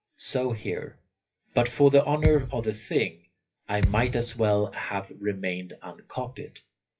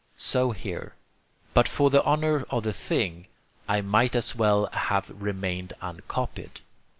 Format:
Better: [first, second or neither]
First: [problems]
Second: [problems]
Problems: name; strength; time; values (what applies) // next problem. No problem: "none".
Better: second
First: noise reduction (classical method WPE with log-MMSE)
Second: none